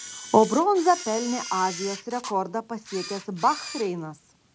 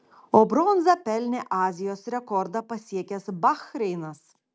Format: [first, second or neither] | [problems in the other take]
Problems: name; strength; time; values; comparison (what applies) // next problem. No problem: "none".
second | background sound (Camera); 13 dB below the speech